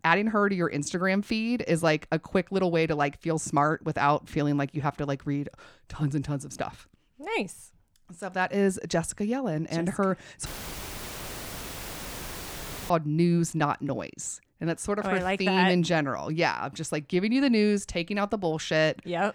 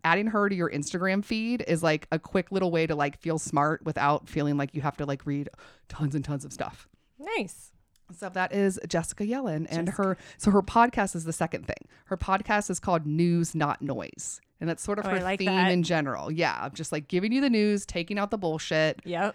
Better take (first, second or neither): second